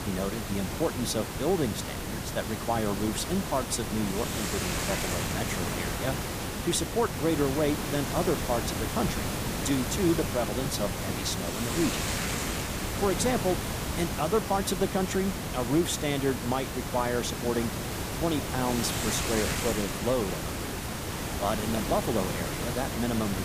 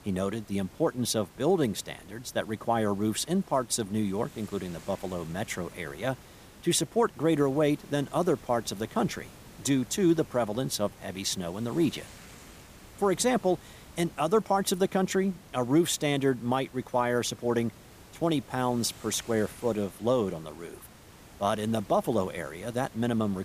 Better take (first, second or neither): second